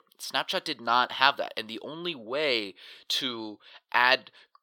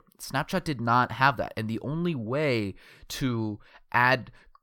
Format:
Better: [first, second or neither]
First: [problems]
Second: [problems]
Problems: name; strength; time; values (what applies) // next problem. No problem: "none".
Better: second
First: thin; somewhat; fading below 450 Hz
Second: none